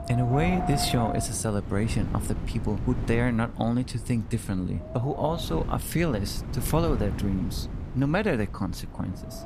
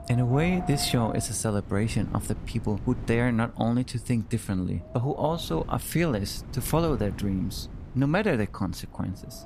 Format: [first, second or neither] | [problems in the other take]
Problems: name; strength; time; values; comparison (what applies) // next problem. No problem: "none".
second | wind noise on the microphone; heavy; 6 dB below the speech; occasional gusts in the second